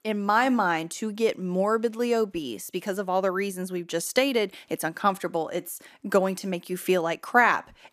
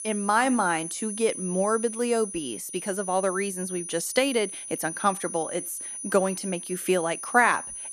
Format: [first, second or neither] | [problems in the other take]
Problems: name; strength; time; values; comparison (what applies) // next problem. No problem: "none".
first | high-pitched whine; loud; throughout; 9.5 kHz, 8 dB below the speech